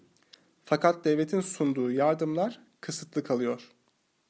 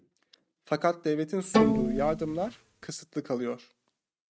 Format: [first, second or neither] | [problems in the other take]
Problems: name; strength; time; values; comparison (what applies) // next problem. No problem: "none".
first | noise reduction (neural mask model RNNoise)